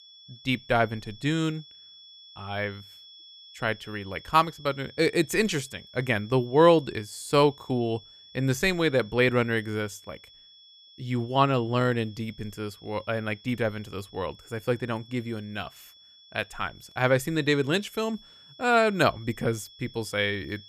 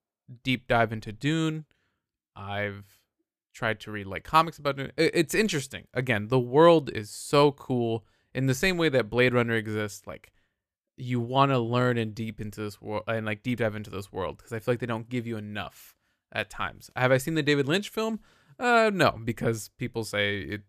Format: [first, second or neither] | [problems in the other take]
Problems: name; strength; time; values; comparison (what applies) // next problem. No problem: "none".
second | high-pitched whine; faint; throughout; 3.5 kHz, 20 dB below the speech